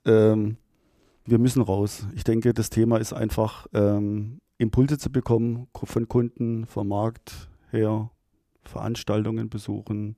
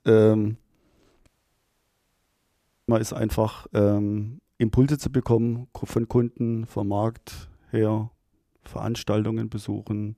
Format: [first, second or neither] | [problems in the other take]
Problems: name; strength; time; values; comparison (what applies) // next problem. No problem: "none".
first | audio cutting out; at 1.5 s for 1.5 s